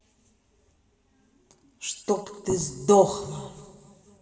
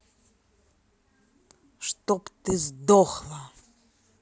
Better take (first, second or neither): second